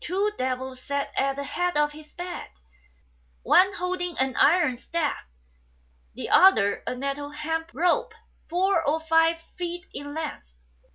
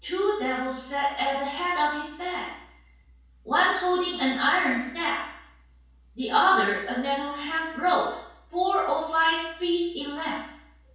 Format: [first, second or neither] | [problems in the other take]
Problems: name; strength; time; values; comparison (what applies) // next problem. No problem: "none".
first | room echo; dies away in 0.6 s